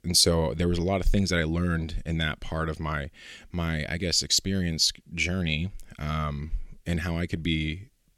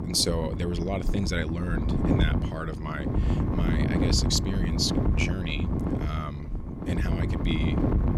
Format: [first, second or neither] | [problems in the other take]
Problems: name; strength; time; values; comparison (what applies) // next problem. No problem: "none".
first | wind noise on the microphone; heavy; 3 dB below the speech